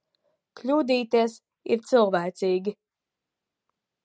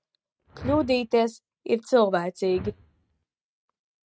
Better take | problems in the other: first | noise reduction (neural mask model RNNoise)

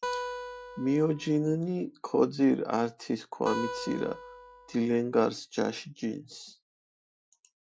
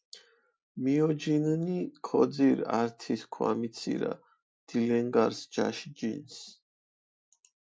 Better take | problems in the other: second | background sound (Acoustic guitar); 9 dB below the speech

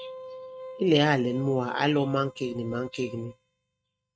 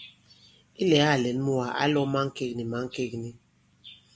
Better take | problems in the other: second | noise reduction (neural mask model RNNoise)

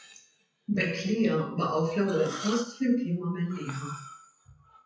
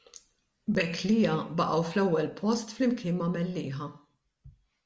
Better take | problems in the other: second | noise reduction (classical method WPE with log-MMSE)

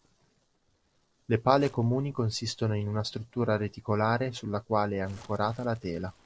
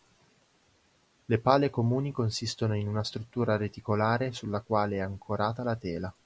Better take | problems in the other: second | noise reduction (neural separator model SepFormer DNS4)

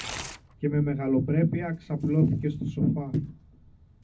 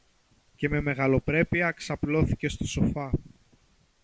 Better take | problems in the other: second | background sound (Tearing); 18 dB below the speech // room echo; dies away in 0.4 s

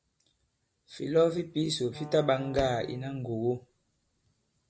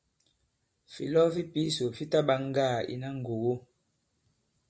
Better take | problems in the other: second | background sound (Wind instrument, woodwind instrument + Slam); 15 dB below the speech

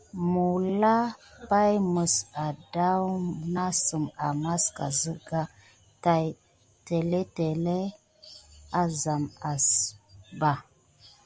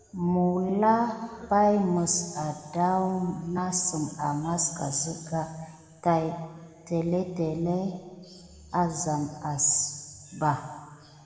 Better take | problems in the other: first | room echo; dies away in 1.7 s

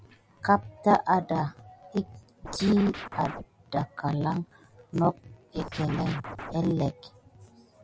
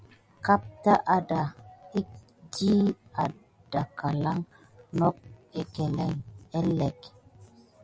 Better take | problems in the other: second | background sound (Scratching (performance technique)); 10 dB below the speech

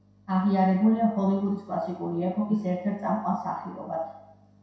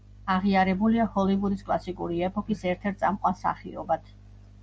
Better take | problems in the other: second | room echo; dies away in 0.7 s

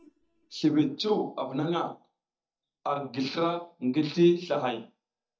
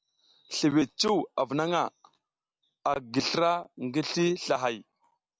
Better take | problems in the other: second | noise reduction (neural mask model DeepFilterNet 3)

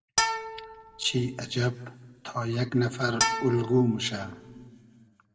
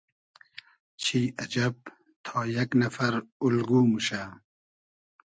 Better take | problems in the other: second | background sound (Bowed string instrument); 3 dB below the speech // room echo; dies away in 1.1 s

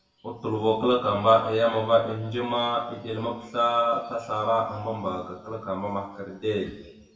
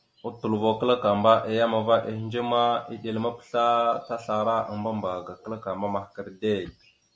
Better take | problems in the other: second | room echo; dies away in 1 s

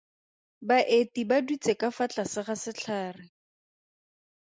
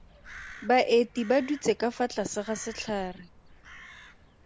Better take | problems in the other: first | background sound (Crow); 19 dB below the speech

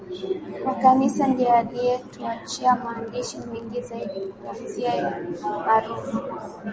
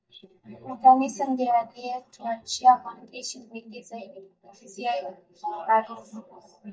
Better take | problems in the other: first | noise reduction (neural mask model DeepFilterNet 3)

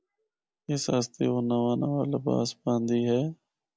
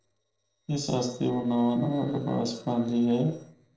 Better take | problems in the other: first | noise reduction (neural separator model SepFormer DNS4)

